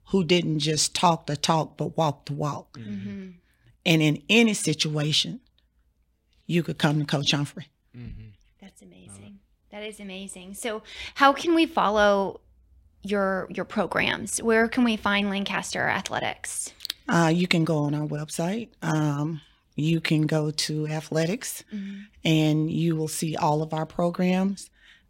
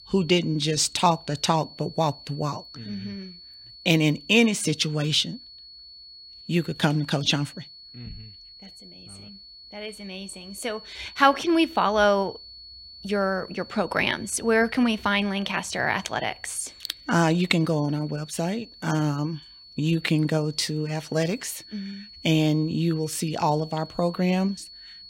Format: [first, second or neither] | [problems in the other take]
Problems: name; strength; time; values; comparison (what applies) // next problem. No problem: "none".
first | high-pitched whine; noticeable; throughout; 4.5 kHz, 20 dB below the speech